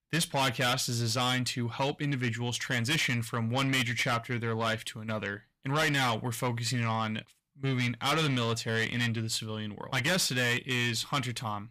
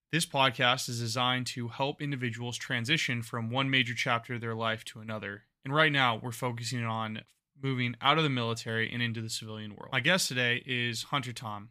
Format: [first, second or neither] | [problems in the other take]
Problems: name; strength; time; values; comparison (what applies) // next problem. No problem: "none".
second | distortion; heavy; 6 dB below the speech